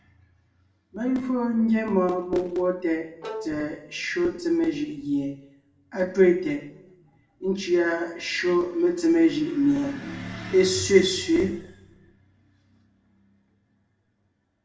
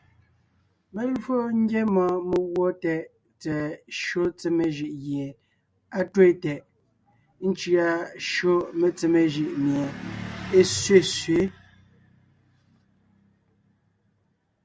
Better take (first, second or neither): second